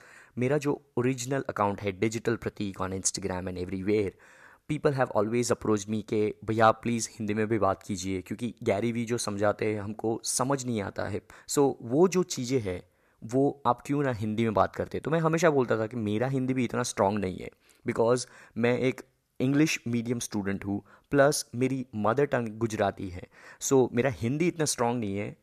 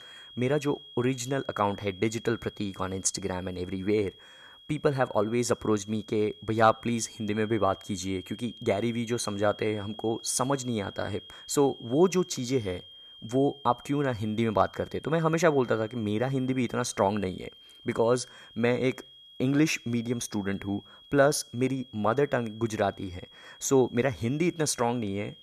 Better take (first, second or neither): first